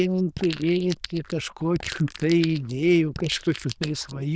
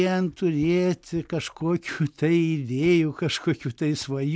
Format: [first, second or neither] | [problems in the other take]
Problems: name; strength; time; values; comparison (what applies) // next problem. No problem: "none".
second | noise reduction (neural diffusion model UNIVERSE++)